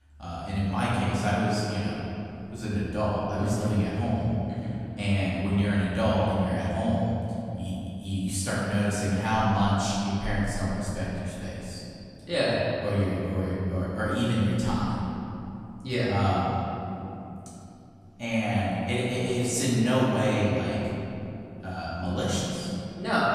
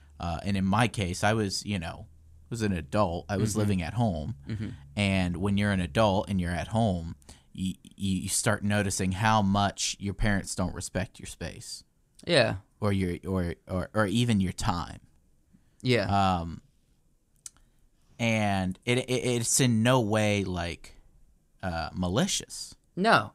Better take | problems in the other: second | off-mic speech; far // room echo; strong; dies away in 2.8 s

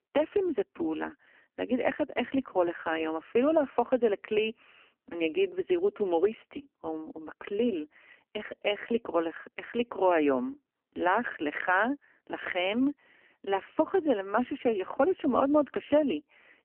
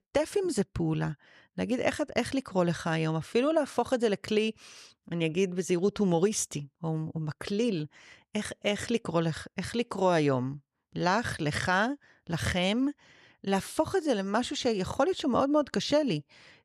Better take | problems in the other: second | phone-call audio; poor line; nothing above 3 kHz

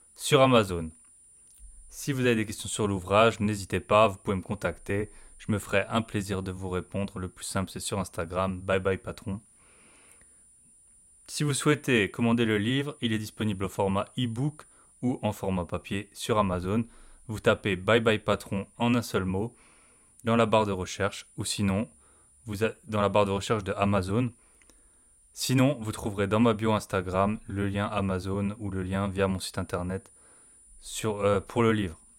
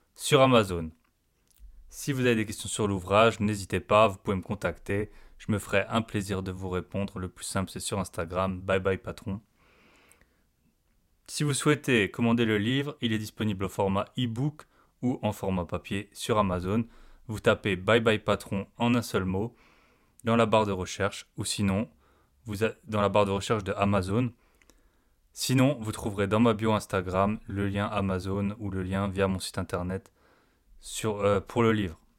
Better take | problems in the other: second | high-pitched whine; faint; throughout; 9.5 kHz, 30 dB below the speech

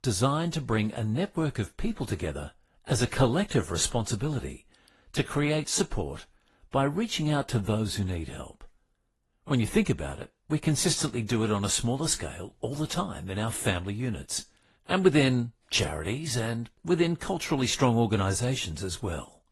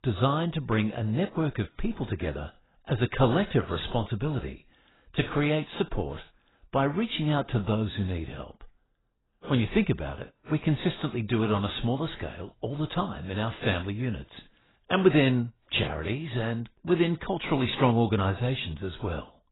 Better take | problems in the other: first | garbled, watery; badly; nothing above 4 kHz; slightly in the first

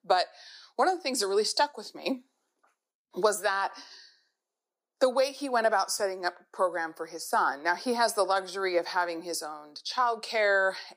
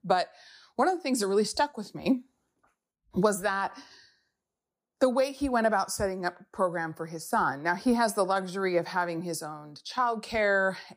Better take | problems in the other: second | thin; somewhat; fading below 350 Hz

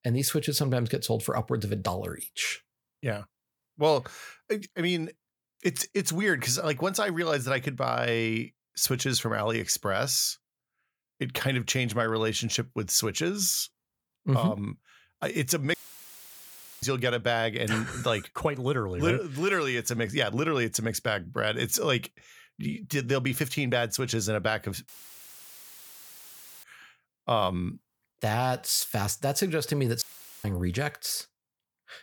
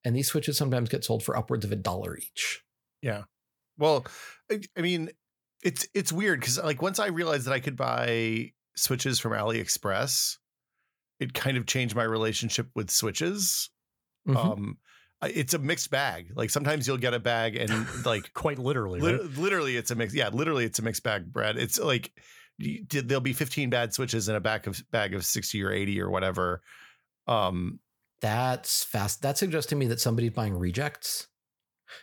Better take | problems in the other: second | audio cutting out; filled with static; at 16 s for 1 s, at 25 s for 2 s and at 30 s

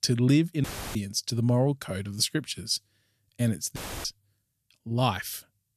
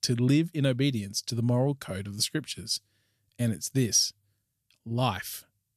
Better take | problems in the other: second | audio cutting out; filled with static; at 0.5 s and at 4 s

